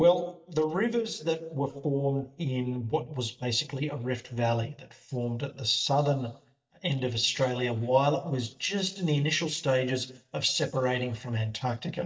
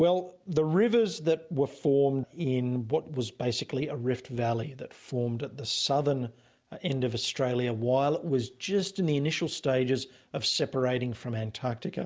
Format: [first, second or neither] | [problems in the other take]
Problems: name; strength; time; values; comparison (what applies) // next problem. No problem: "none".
second | noise reduction (neural mask model DeepFilterNet 3)